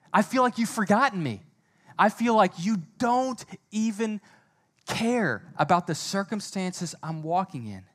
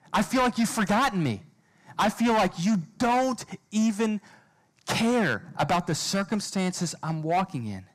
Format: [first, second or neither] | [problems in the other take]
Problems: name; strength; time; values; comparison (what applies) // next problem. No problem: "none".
first | distortion; heavy; 11% of the sound clipped